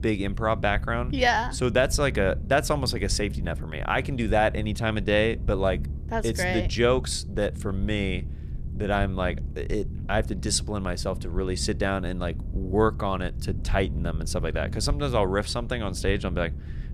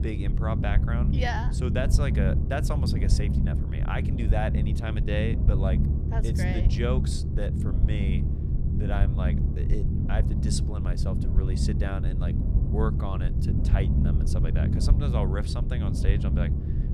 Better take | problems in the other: first | low rumble; loud; throughout; 3 dB below the speech; faint in the first

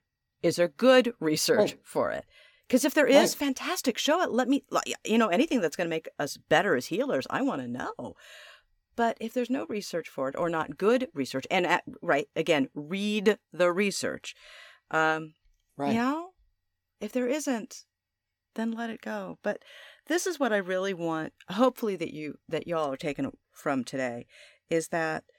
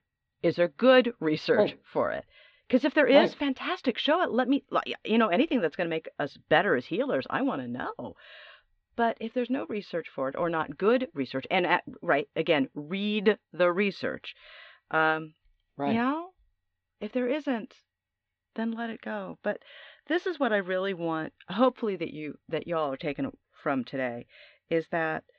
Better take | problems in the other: first | muffled; slightly; fading above 4 kHz

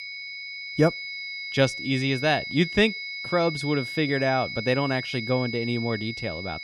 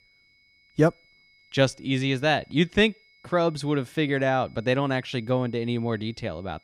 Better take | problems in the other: second | high-pitched whine; loud; throughout; 2 kHz, 7 dB below the speech; faint in the second

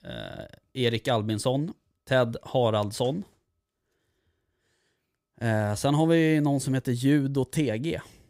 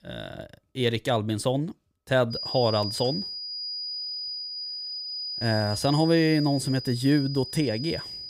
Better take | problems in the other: first | high-pitched whine; loud; from 2.5 s on; 5 kHz, 6 dB below the speech

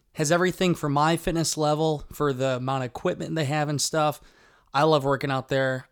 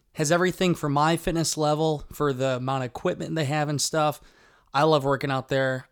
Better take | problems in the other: neither | none

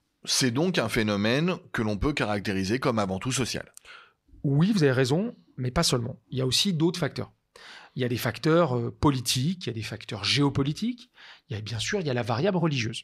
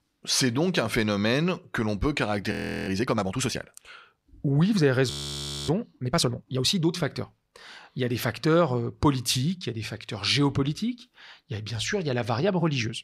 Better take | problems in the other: first | audio freezing; at 2.5 s and at 5 s for 0.5 s

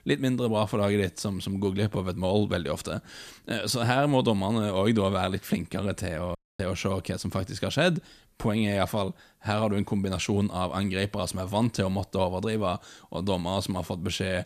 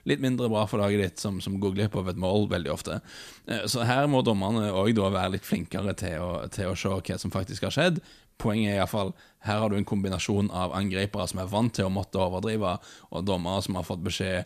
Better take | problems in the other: second | audio cutting out; at 6.5 s

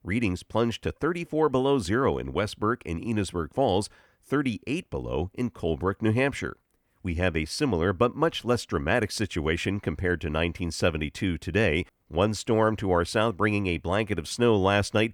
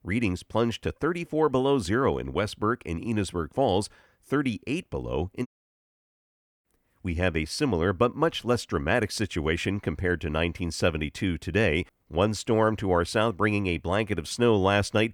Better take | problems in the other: first | audio cutting out; at 5.5 s for 1 s

